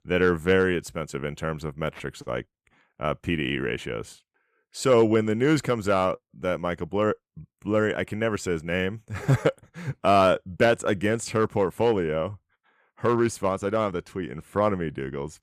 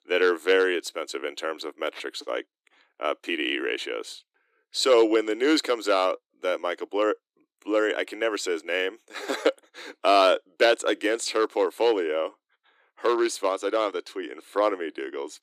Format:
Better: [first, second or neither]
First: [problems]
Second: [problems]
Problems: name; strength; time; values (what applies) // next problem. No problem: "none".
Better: first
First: none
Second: thin; somewhat; fading below 300 Hz